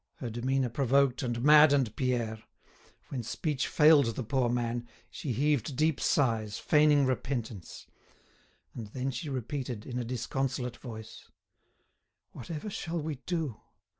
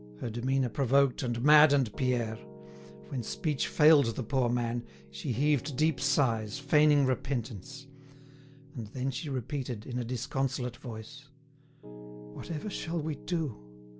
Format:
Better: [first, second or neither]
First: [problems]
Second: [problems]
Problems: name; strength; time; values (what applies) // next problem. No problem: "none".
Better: first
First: none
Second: background sound (Piano); 18 dB below the speech